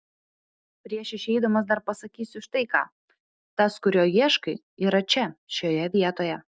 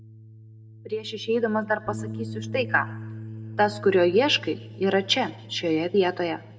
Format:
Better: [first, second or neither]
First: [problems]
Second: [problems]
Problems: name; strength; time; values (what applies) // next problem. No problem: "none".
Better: first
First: none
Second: background sound (Bass guitar); 13 dB below the speech // room echo; dies away in 1.4 s